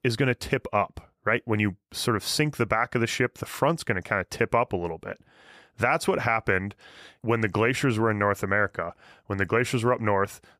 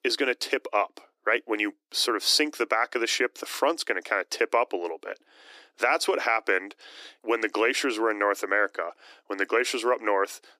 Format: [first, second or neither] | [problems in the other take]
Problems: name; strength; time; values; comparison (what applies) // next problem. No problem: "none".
first | thin; somewhat; fading below 300 Hz